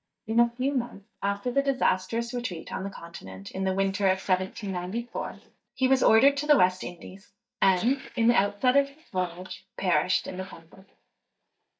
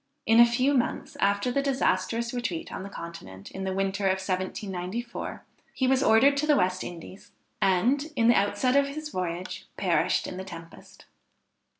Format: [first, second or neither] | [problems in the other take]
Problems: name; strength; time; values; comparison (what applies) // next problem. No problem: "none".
second | noise reduction (neural mask model DeepFilterNet 3)